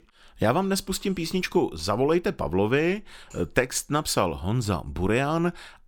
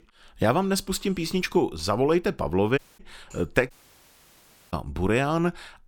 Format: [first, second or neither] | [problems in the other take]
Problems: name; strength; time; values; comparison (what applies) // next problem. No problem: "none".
first | audio cutting out; at 3 s and at 3.5 s for 1 s